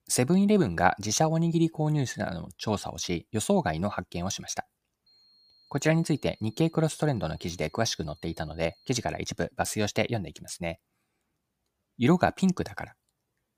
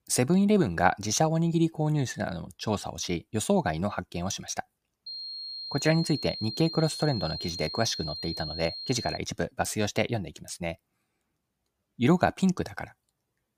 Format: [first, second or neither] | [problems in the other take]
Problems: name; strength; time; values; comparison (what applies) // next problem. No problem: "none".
first | high-pitched whine; loud; from 5 to 9 s; 4 kHz, 7 dB below the speech; faint in the first